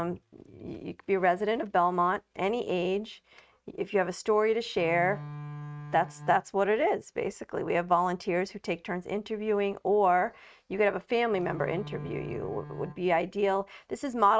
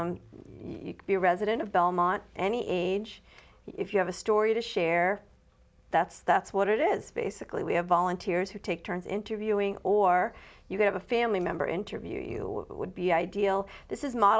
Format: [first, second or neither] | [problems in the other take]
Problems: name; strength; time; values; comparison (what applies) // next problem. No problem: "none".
second | noise reduction (neural mask model RNNoise)